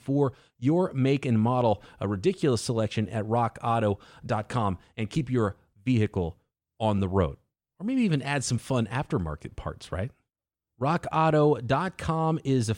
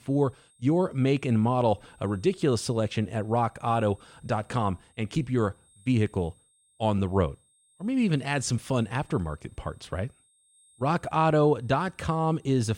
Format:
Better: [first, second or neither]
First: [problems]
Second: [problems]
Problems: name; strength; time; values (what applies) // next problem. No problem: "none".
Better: first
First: none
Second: high-pitched whine; faint; throughout; 8.5 kHz, 35 dB below the speech